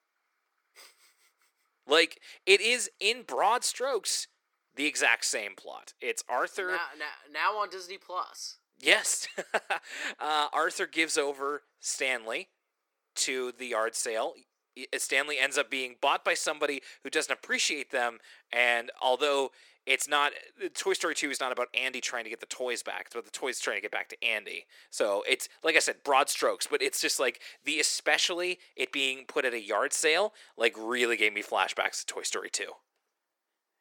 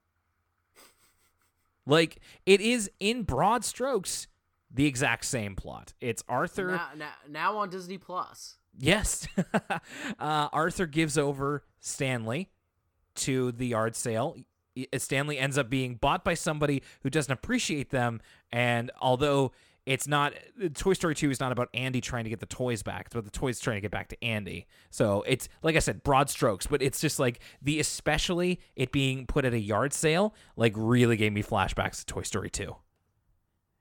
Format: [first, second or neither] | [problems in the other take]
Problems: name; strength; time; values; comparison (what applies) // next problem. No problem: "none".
second | thin; very; fading below 350 Hz